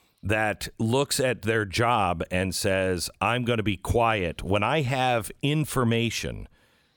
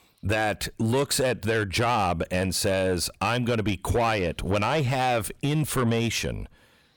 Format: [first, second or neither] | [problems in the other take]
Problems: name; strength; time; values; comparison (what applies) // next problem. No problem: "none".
first | distortion; slight; 10 dB below the speech